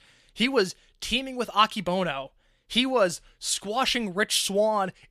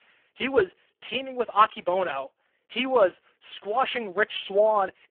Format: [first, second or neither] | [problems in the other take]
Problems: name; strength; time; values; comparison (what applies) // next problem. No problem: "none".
first | phone-call audio; poor line